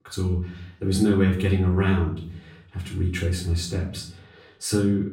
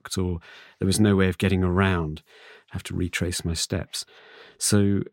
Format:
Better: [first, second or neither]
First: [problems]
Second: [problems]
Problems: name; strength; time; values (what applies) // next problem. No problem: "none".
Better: second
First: off-mic speech; far // room echo; slight; dies away in 0.5 s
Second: none